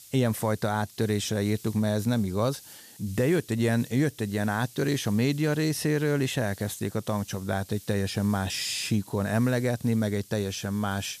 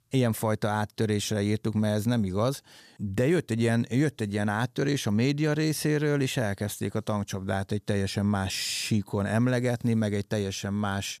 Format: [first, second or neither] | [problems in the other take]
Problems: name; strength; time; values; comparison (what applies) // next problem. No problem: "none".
second | hiss; noticeable; throughout; 20 dB below the speech